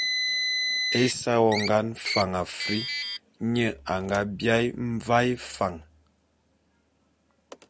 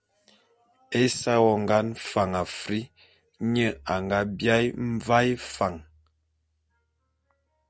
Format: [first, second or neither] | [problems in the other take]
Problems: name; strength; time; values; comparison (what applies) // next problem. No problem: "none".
second | background sound (Car); 6 dB below the speech